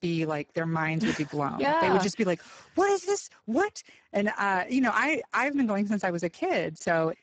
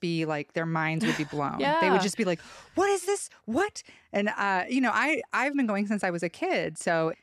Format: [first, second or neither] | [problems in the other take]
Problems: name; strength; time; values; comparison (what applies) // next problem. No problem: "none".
second | garbled, watery; badly; nothing above 7.5 kHz